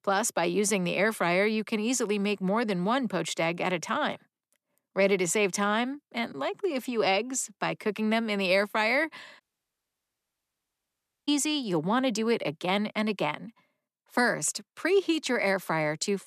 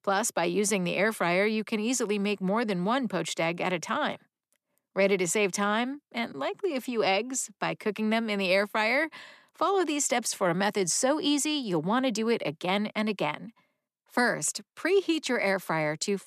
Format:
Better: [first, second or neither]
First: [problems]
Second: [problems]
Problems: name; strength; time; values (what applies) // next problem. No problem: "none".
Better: second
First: audio cutting out; at 9.5 s for 2 s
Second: none